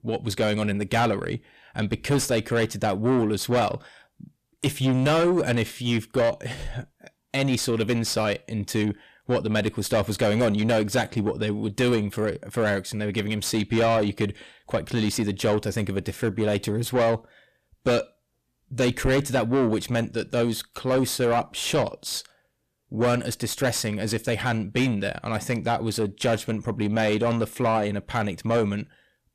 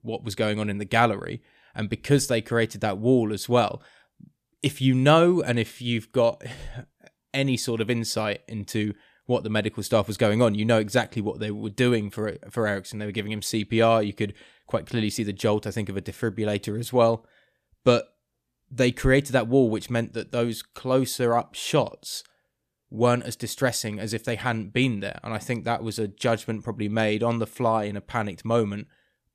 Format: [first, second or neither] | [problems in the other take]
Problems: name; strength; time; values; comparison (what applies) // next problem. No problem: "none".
second | distortion; heavy; 7 dB below the speech